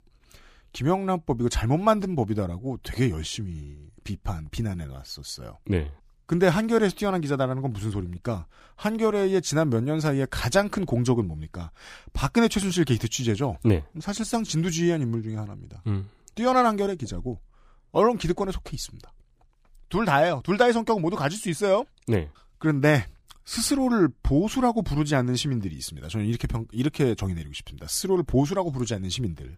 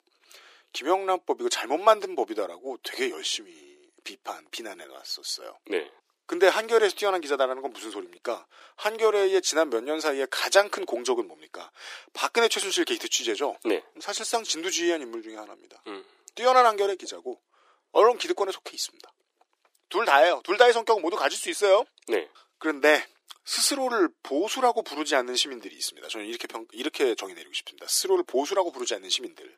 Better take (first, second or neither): first